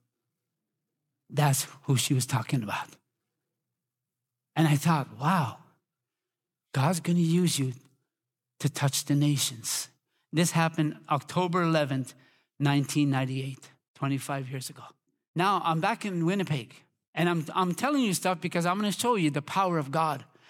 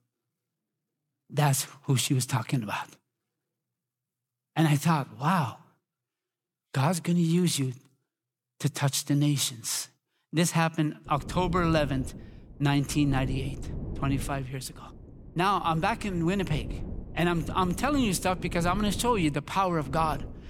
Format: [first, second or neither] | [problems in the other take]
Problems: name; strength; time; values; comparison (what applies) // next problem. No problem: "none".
first | wind noise on the microphone; occasional gusts; from 11 s on; 20 dB below the speech